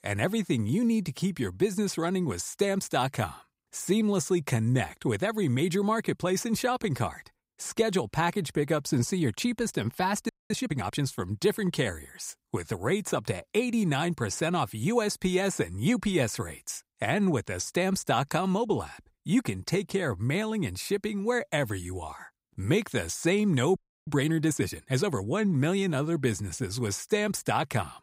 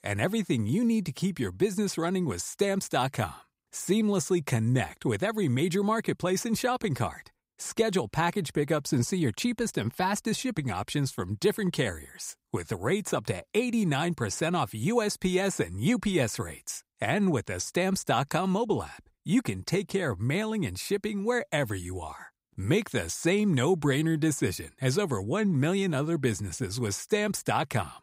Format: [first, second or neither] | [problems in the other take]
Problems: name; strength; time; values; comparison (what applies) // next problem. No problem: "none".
second | audio freezing; at 10 s and at 24 s